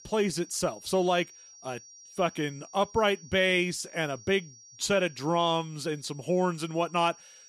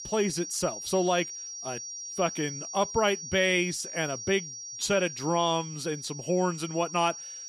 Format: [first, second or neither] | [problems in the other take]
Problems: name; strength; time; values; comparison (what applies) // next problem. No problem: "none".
first | high-pitched whine; loud; throughout; 5.5 kHz, 9 dB below the speech; faint in the first